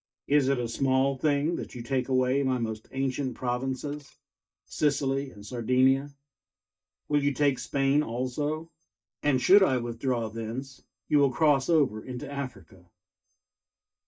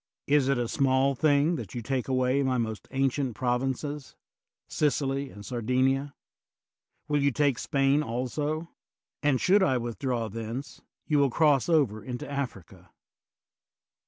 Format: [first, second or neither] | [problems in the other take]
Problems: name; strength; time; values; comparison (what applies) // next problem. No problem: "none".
second | noise reduction (neural mask model DeepFilterNet 3)